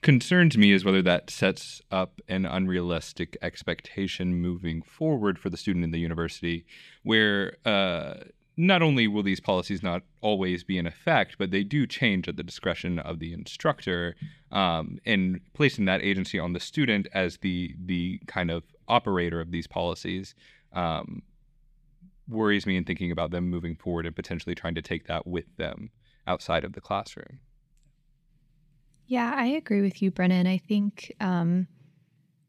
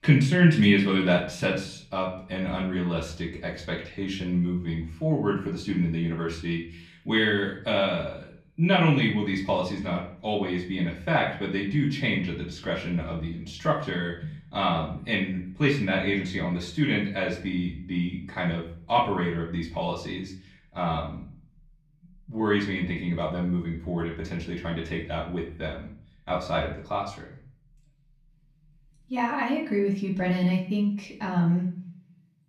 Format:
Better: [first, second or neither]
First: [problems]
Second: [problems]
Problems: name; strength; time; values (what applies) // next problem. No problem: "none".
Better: first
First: none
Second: off-mic speech; far // room echo; slight; dies away in 0.5 s